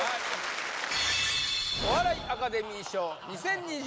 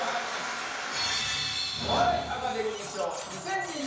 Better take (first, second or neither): first